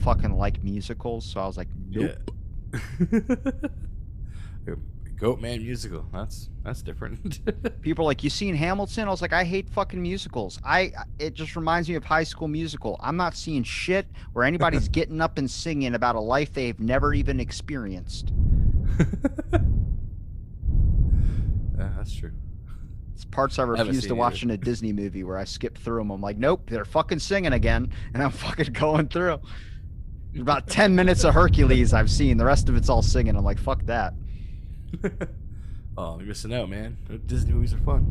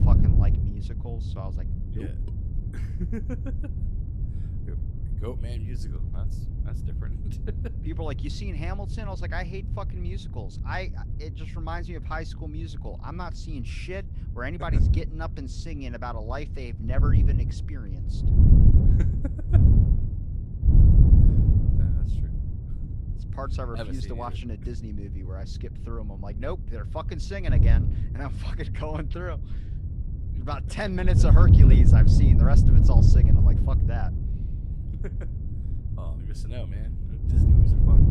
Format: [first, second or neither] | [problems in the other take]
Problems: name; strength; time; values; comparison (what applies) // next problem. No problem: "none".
first | wind noise on the microphone; heavy; 1 dB below the speech; occasional gusts in the first